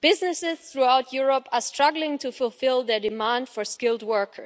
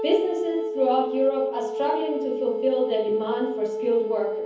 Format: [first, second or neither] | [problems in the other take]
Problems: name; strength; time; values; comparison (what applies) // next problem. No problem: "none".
first | background sound (Wind instrument, woodwind instrument); 4 dB below the speech // room echo; dies away in 0.7 s